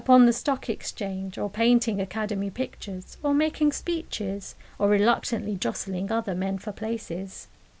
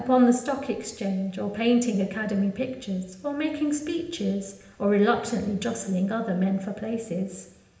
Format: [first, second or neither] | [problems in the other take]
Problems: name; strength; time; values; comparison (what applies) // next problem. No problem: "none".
first | room echo; dies away in 0.8 s